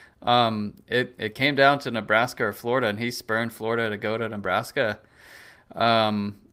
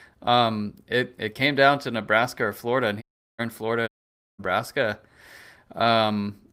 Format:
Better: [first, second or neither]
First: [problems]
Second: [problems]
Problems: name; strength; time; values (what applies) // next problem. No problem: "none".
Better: first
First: none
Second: audio cutting out; at 3 s and at 4 s for 0.5 s